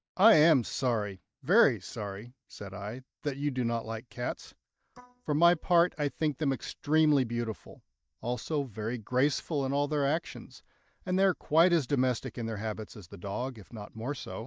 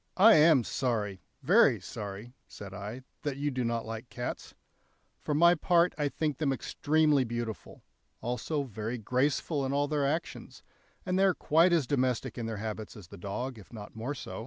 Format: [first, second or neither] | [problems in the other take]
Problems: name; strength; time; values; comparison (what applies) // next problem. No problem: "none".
second | noise reduction (neural mask model DeepFilterNet 3)